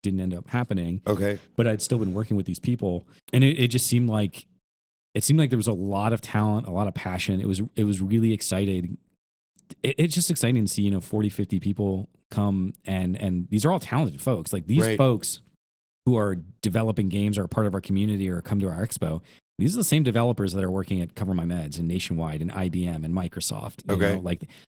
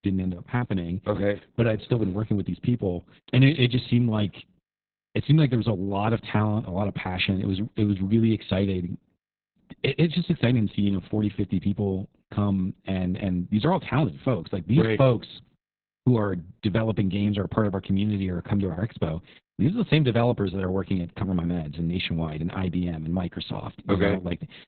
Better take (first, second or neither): first